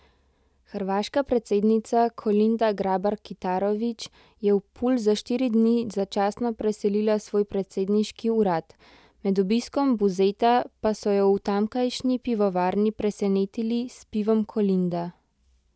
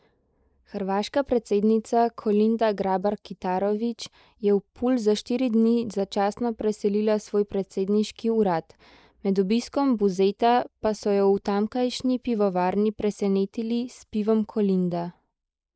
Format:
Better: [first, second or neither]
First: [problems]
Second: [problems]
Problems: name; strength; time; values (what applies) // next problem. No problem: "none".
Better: first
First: none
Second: noise reduction (neural mask model Resemble Enhance denoiser)